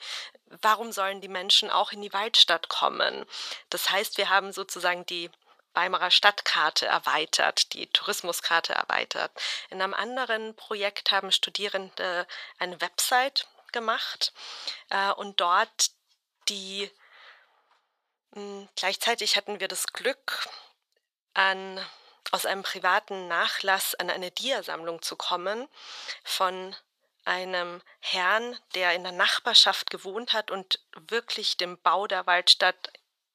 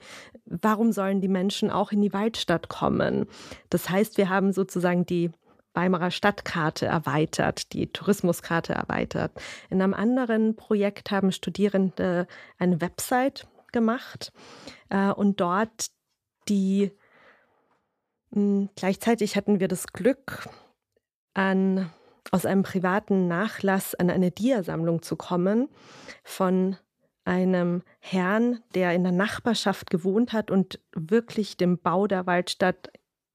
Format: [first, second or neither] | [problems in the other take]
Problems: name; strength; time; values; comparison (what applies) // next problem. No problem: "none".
second | thin; very; fading below 900 Hz